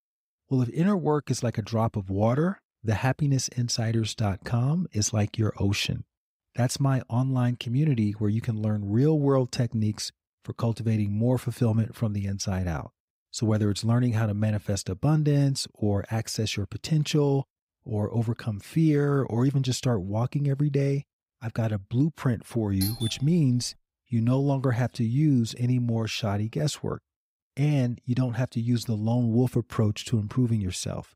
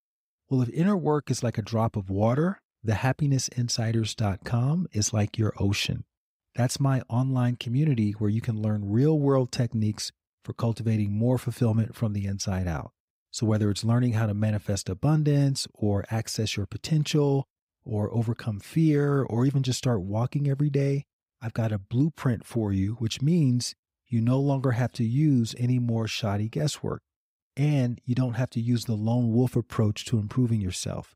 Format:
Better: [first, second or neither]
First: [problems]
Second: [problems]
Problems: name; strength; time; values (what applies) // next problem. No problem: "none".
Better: second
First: doorbell; noticeable; at 23 s; peak 6 dB below the speech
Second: none